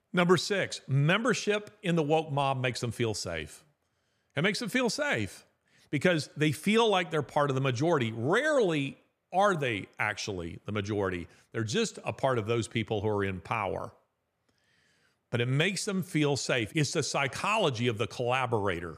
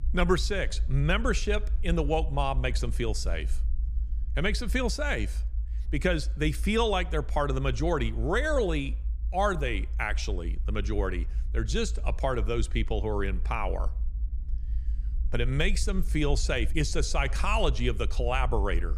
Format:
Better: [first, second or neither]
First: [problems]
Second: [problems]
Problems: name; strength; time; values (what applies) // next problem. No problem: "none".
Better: first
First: none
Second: low rumble; faint; throughout; 25 dB below the speech